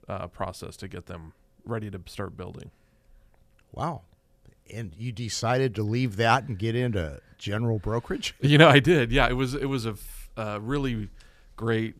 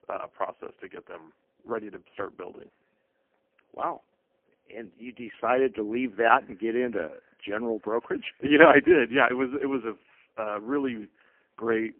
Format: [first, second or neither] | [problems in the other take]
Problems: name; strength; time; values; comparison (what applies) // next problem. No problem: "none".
first | phone-call audio; poor line; nothing above 3 kHz